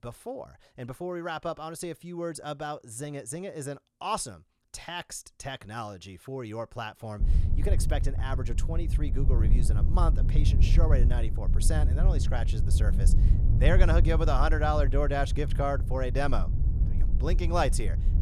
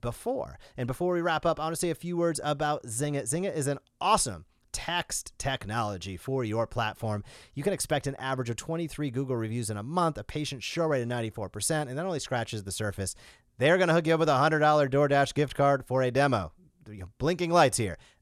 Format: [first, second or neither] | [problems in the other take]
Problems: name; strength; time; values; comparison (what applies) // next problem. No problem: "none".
second | low rumble; noticeable; from 7 s on; 10 dB below the speech